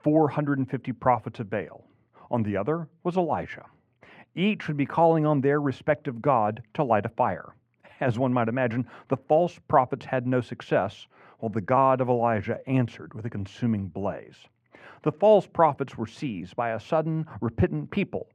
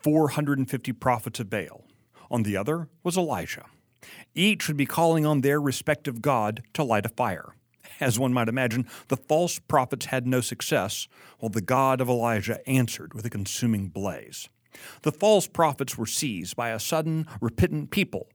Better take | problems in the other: second | muffled; very; fading above 2 kHz

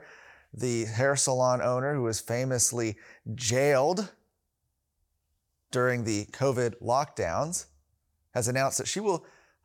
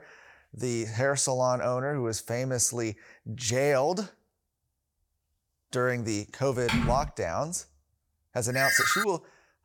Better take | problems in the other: first | keyboard typing; loud; at 6.5 s; peak 1 dB above the speech // phone ringing; loud; at 8.5 s; peak 6 dB above the speech

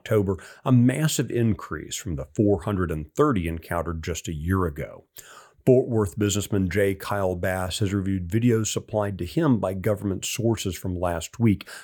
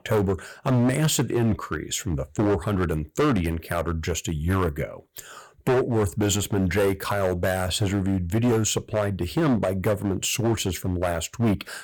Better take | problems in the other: first | distortion; heavy; 11% of the sound clipped

